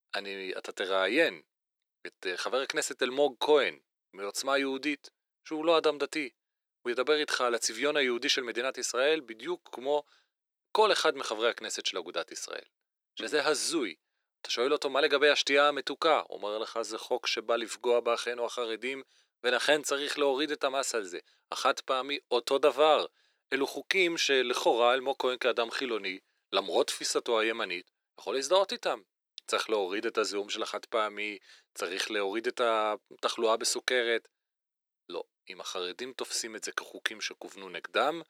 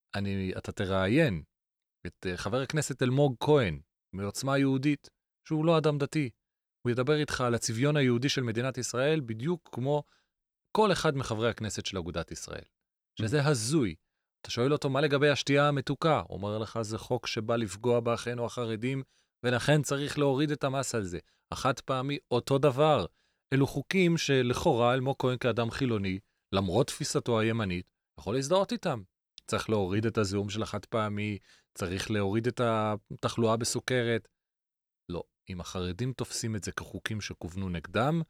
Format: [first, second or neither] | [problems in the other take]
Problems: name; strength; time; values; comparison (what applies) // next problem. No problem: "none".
second | thin; very; fading below 350 Hz